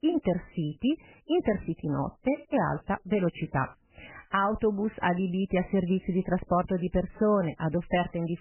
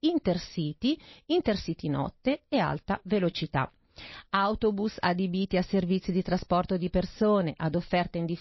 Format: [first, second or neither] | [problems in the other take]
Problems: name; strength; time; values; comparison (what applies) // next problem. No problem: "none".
second | garbled, watery; badly; nothing above 3 kHz; slightly in the second